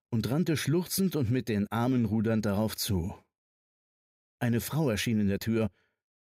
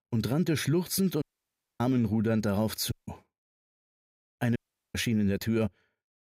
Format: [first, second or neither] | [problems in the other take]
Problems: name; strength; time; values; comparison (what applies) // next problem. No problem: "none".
first | audio cutting out; at 1 s for 0.5 s, at 3 s and at 4.5 s